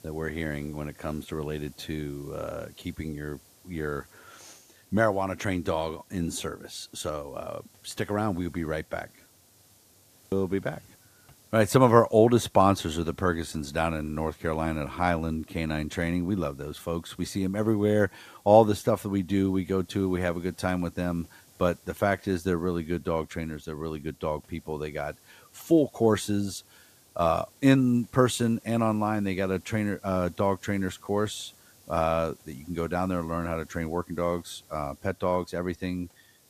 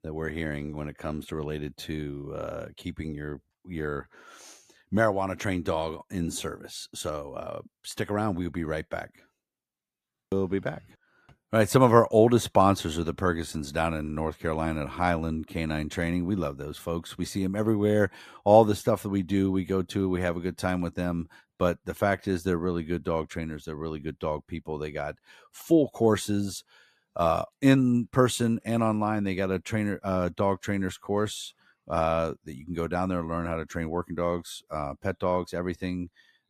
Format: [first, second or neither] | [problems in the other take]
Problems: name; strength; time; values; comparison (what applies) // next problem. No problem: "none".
second | hiss; faint; throughout; 30 dB below the speech